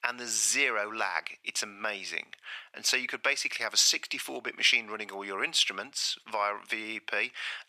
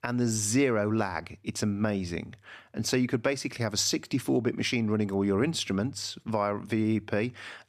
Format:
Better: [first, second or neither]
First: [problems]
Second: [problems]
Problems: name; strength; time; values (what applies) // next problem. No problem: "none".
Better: second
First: thin; very; fading below 900 Hz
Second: none